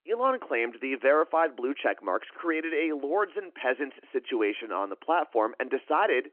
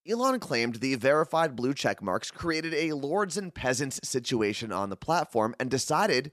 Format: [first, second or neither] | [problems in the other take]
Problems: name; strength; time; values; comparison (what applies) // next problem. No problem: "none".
second | phone-call audio